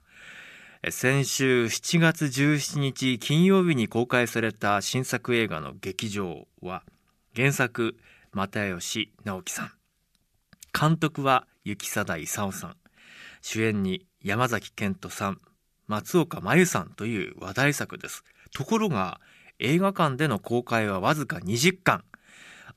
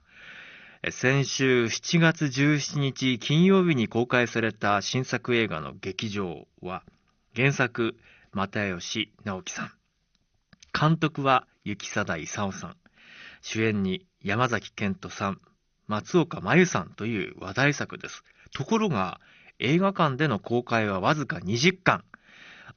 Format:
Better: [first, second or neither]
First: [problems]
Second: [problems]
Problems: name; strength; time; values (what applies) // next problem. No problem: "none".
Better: first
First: none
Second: garbled, watery; slightly; nothing above 6.5 kHz